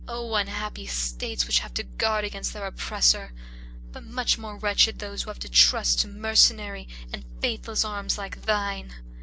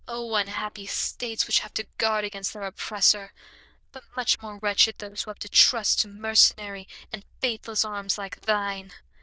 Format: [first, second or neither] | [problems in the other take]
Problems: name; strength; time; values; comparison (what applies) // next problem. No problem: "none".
first | noise reduction (neural diffusion model UNIVERSE++)